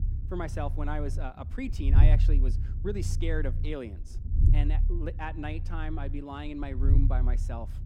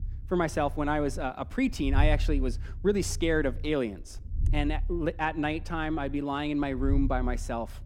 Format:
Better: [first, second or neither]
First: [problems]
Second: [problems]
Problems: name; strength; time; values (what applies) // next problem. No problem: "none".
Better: second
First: low rumble; loud; throughout; 8 dB below the speech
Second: low rumble; faint; throughout; 20 dB below the speech